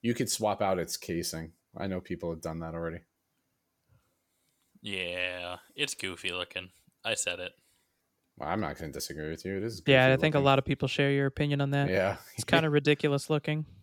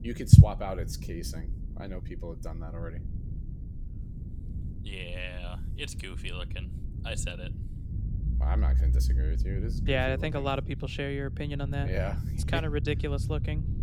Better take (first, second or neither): first